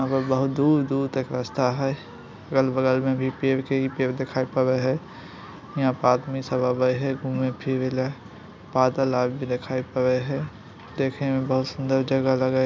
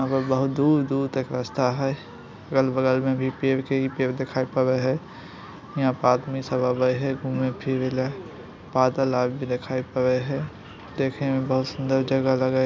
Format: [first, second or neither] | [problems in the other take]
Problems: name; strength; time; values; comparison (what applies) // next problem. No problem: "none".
first | background sound (Subway, metro, underground); 20 dB below the speech